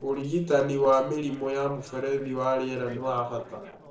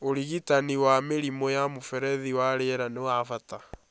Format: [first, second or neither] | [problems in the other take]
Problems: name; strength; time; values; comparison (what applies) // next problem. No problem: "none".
second | noise reduction (neural separator model SepFormer DNS4)